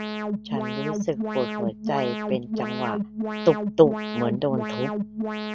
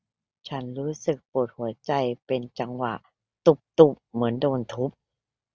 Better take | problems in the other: second | background sound (Alarm); 2 dB below the speech

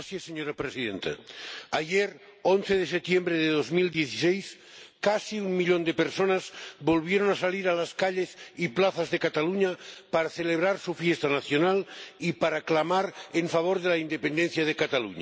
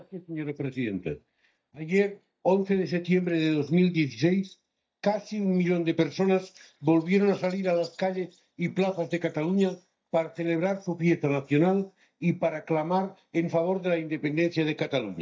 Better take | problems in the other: first | noise reduction (neural mask model DeepFilterNet 3)

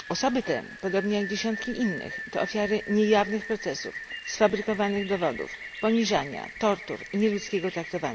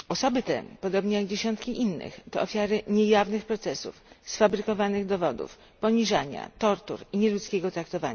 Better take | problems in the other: second | background sound (Rain); 12 dB below the speech

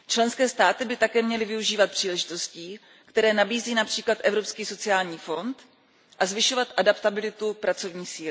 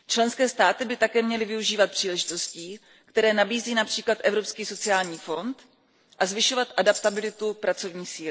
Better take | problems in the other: first | noise reduction (neural separator model SepFormer DNS4)

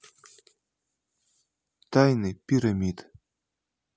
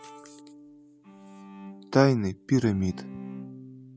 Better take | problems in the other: first | background sound (Bowed string instrument); 15 dB below the speech

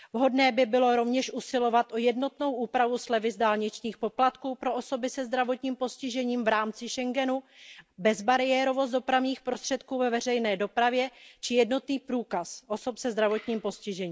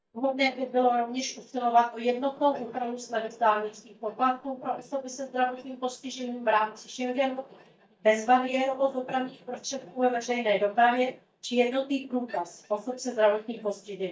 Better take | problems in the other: first | noise reduction (neural mask model DeepFilterNet 3)

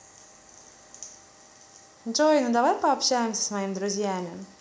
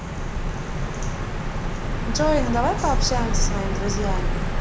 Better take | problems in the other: first | background sound (Bird vocalization, bird call, bird song); 4 dB above the speech

